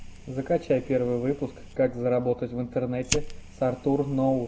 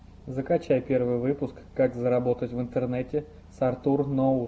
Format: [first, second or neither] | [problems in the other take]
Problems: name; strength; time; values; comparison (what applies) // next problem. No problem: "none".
second | background sound (Fire); 12 dB below the speech